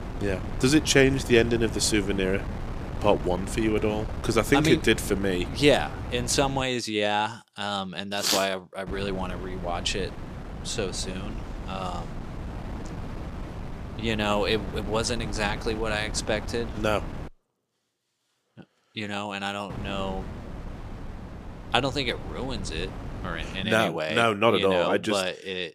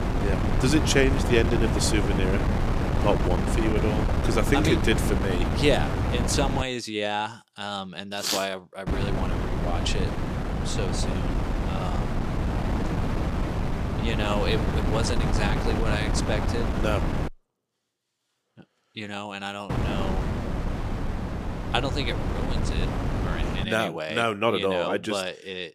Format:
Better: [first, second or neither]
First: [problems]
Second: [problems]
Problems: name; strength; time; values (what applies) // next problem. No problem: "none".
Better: first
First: wind noise on the microphone; occasional gusts; until 6.5 s, from 9 to 17 s and from 20 to 24 s; 15 dB below the speech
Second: wind noise on the microphone; heavy; until 6.5 s, from 9 to 17 s and from 20 to 24 s; 4 dB below the speech